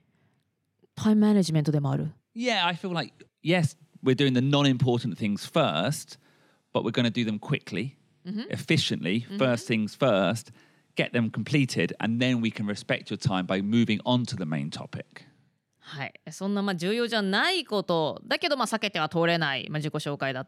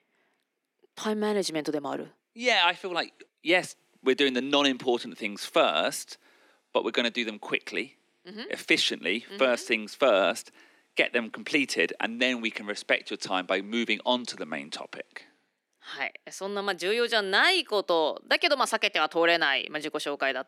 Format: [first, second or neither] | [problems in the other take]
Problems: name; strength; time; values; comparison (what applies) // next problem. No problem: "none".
first | thin; somewhat; fading below 300 Hz